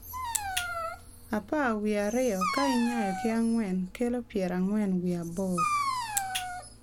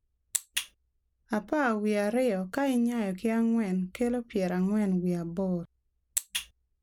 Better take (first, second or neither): second